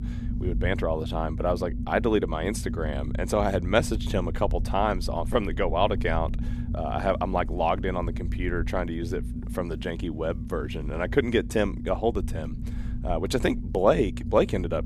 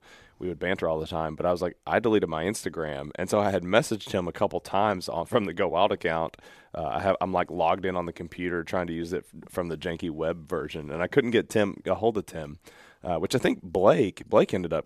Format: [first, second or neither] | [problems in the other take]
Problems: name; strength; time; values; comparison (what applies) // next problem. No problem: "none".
second | low rumble; noticeable; throughout; 15 dB below the speech